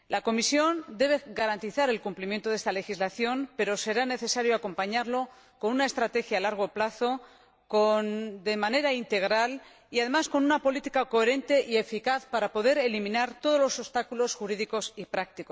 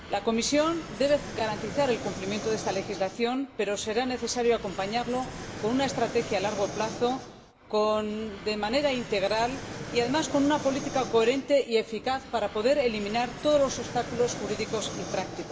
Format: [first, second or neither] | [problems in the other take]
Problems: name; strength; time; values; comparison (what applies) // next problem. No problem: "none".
first | background sound (Fixed-wing aircraft, airplane); 11 dB below the speech // room echo; dies away in 0.9 s